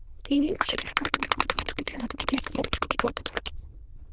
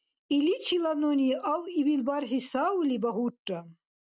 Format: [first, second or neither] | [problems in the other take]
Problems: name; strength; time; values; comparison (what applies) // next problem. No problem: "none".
second | noise reduction (neural diffusion model UNIVERSE++)